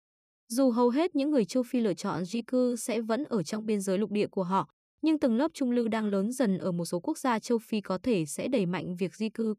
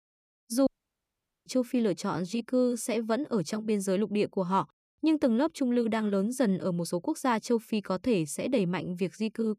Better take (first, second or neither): first